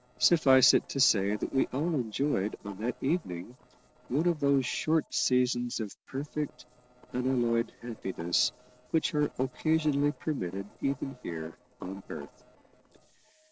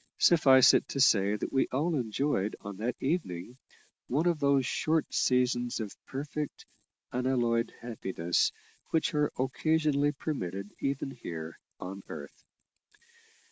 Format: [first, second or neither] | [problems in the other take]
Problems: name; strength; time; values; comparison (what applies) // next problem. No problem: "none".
second | noise reduction (neural separator model SepFormer DNS4)